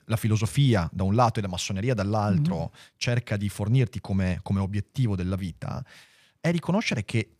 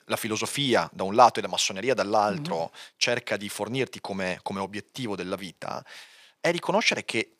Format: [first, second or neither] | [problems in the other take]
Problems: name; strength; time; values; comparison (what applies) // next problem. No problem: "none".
first | thin; very; fading below 400 Hz